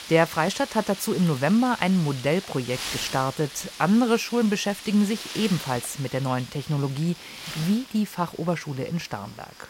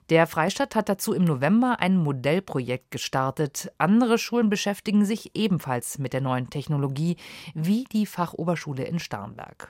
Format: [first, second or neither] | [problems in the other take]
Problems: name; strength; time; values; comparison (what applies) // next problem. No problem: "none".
second | wind noise on the microphone; heavy; 9 dB below the speech